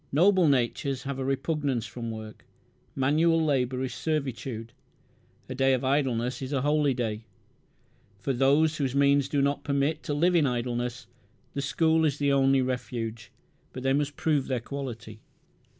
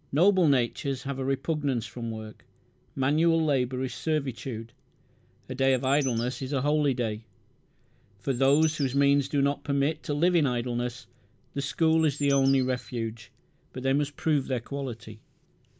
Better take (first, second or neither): first